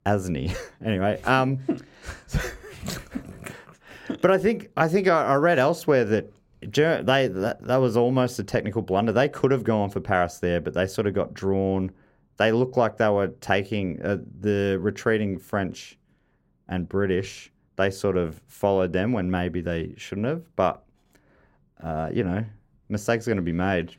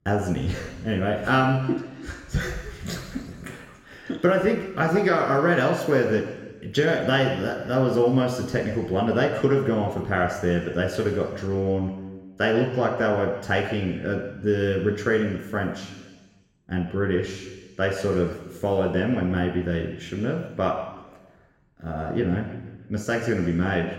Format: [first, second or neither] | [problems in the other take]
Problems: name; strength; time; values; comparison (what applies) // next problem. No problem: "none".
first | room echo; noticeable; dies away in 1.3 s // off-mic speech; somewhat distant